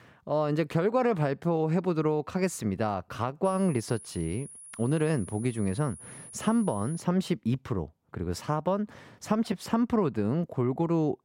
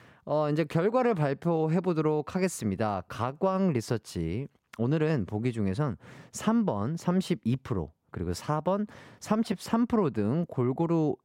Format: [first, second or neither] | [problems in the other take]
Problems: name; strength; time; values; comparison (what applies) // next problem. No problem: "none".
second | high-pitched whine; noticeable; from 3.5 to 7 s; 10.5 kHz, 15 dB below the speech